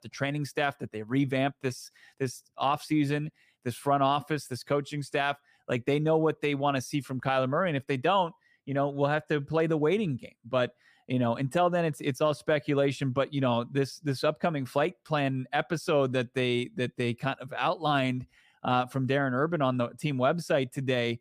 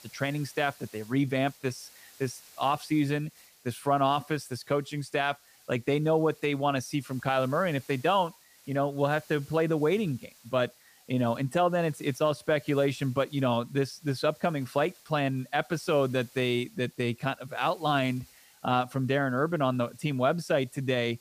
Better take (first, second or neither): first